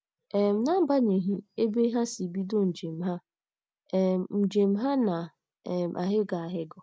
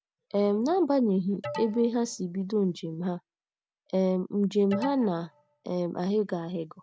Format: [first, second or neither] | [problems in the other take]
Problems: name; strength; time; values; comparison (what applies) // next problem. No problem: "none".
first | background sound (Alarm); 12 dB below the speech